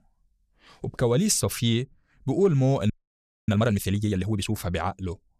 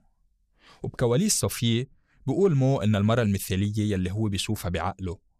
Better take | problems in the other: second | audio freezing; at 3 s for 0.5 s

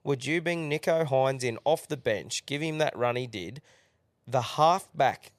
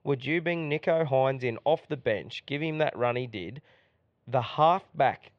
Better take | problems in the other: first | muffled; very; fading above 3 kHz

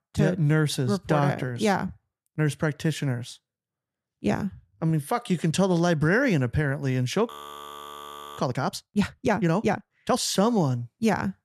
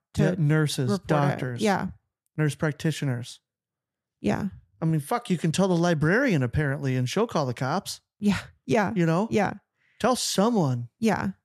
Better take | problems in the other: second | audio freezing; at 7.5 s for 1 s

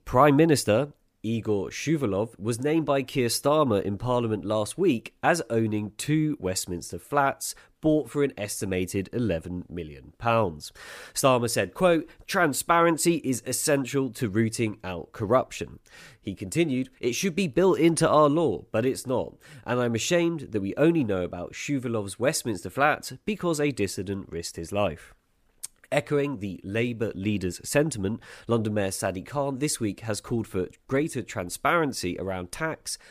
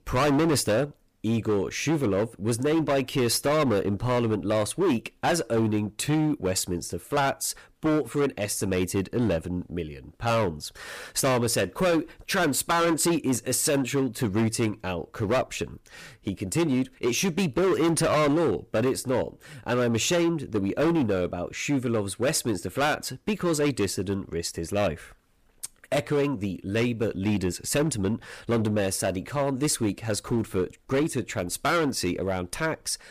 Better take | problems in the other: first | distortion; heavy; 12% of the sound clipped

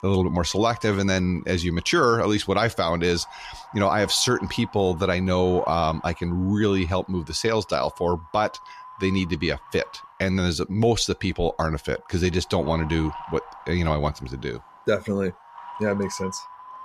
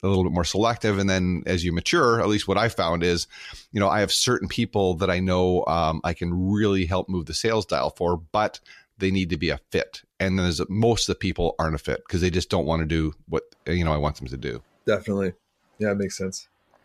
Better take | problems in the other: second | wind noise on the microphone; occasional gusts; 15 dB below the speech

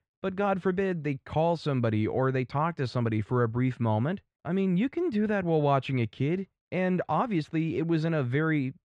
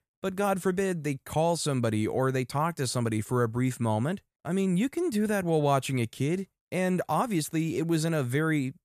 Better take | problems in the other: second | muffled; slightly; fading above 3.5 kHz

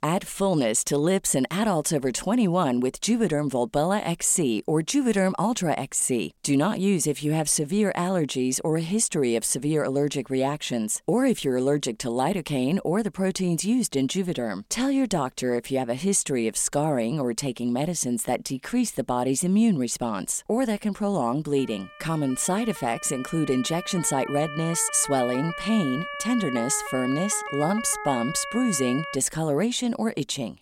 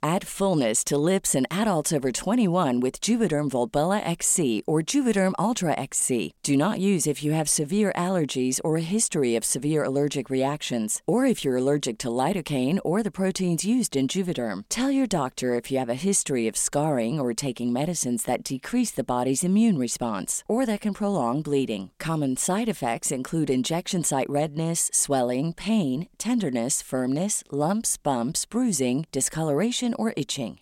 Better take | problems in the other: second | siren; noticeable; from 22 to 29 s; peak 8 dB below the speech

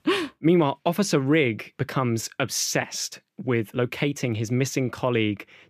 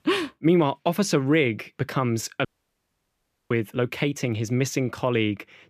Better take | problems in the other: first | audio cutting out; at 2.5 s for 1 s

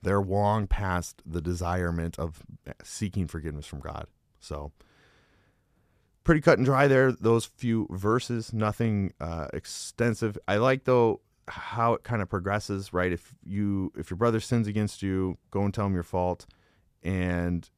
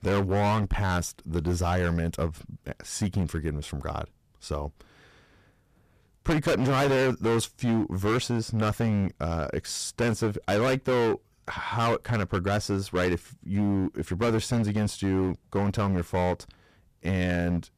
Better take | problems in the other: first | distortion; heavy; 14% of the sound clipped

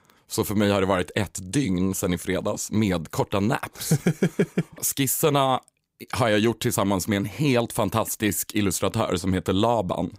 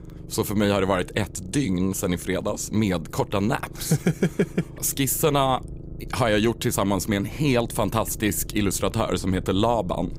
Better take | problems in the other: first | low rumble; faint; throughout; 20 dB below the speech

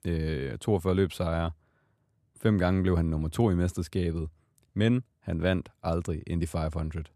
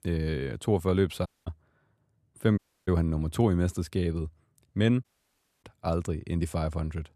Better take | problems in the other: first | audio cutting out; at 1.5 s, at 2.5 s and at 5 s for 0.5 s

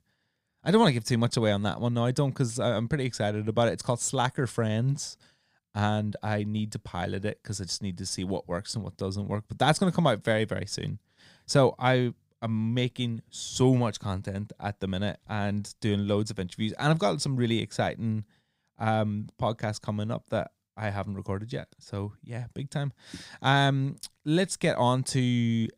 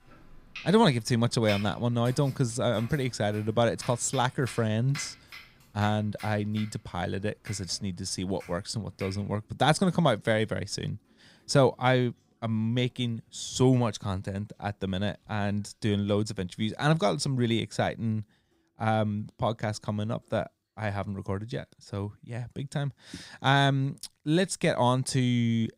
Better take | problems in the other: first | household noises; noticeable; throughout; 15 dB below the speech

